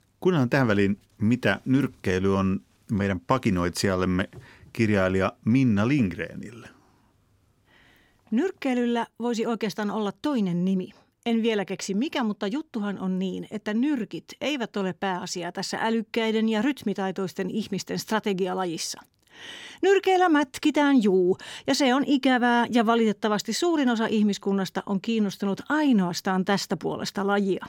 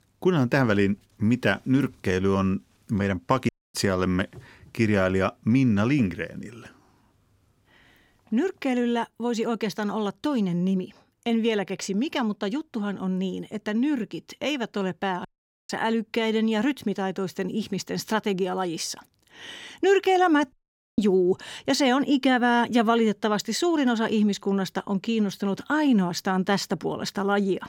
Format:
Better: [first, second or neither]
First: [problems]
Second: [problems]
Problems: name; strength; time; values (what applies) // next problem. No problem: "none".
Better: first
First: none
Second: audio cutting out; at 3.5 s, at 15 s and at 21 s